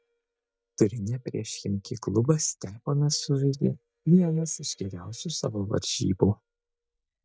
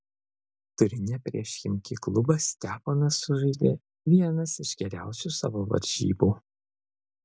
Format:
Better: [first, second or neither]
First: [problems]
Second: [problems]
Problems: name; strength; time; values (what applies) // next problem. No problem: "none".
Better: second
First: noise reduction (neural mask model DeepFilterNet 3)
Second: none